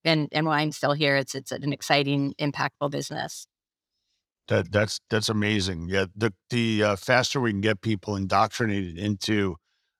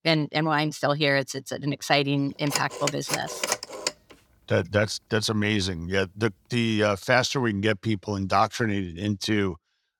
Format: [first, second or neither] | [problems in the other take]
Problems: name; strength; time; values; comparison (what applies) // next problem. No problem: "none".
first | phone ringing; noticeable; from 2.5 to 4 s; peak 3 dB below the speech